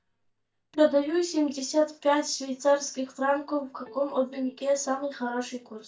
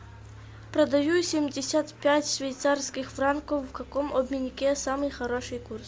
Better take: second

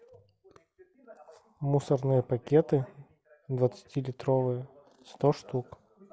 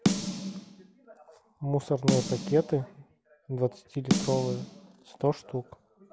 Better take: first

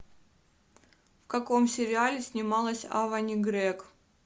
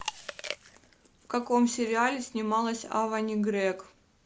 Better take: first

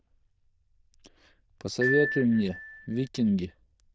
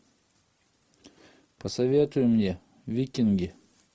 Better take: second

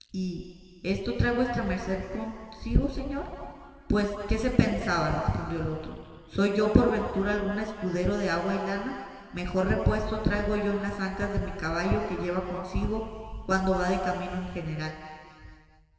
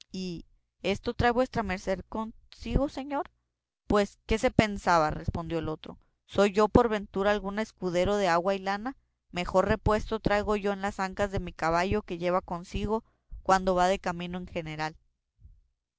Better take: second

